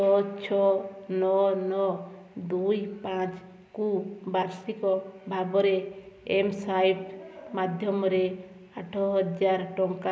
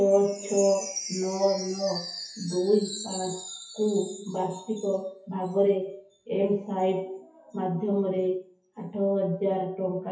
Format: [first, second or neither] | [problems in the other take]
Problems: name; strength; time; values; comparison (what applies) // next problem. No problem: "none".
first | noise reduction (classical method WPE with log-MMSE)